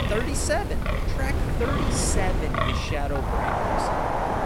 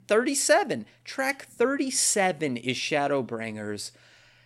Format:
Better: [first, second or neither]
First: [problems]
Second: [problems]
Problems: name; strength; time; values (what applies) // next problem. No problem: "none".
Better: second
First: wind in the background; very loud; throughout; 4 dB above the speech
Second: none